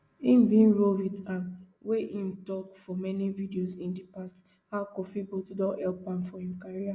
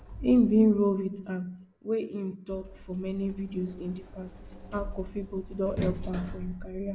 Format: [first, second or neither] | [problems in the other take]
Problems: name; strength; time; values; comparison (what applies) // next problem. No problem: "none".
first | background sound (Sliding door); 11 dB below the speech